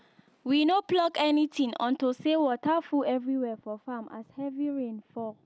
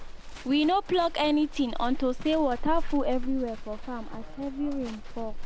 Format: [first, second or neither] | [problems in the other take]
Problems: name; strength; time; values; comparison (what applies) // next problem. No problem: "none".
first | background sound (Livestock, farm animals, working animals); 4 dB below the speech